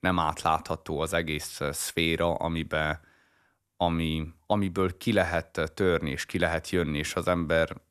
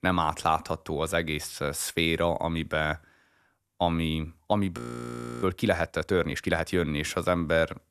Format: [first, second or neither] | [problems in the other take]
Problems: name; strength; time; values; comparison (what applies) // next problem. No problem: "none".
first | audio freezing; at 5 s for 0.5 s